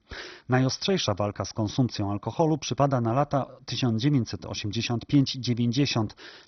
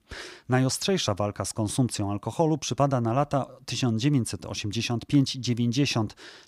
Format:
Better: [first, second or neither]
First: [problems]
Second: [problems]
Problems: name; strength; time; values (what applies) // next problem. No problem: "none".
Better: second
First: garbled, watery; badly; nothing above 6 kHz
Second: none